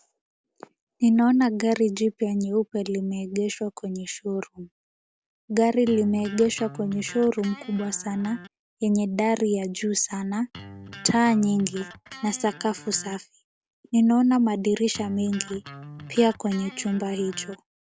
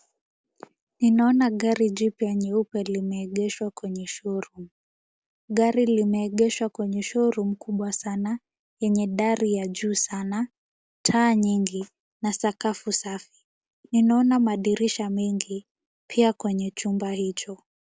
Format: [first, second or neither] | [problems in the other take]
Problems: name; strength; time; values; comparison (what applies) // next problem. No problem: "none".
second | background sound (Electric guitar); 17 dB below the speech